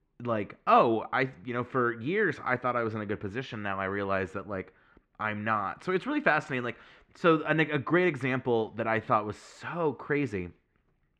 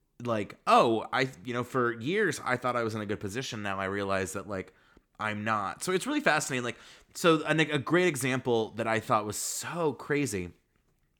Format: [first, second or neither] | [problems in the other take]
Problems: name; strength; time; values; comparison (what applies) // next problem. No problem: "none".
second | muffled; very; fading above 2 kHz